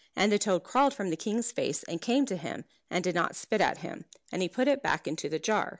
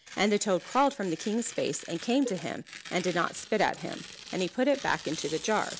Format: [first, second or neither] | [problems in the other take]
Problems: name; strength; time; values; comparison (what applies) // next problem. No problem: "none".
first | background sound (Tearing + Cowbell); 15 dB below the speech